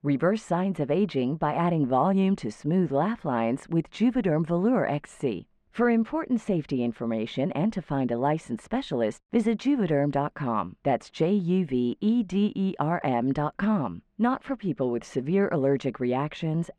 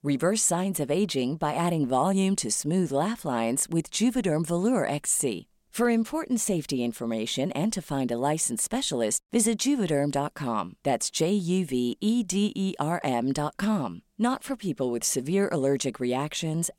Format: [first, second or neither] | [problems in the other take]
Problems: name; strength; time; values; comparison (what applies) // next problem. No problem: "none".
second | muffled; very; fading above 2 kHz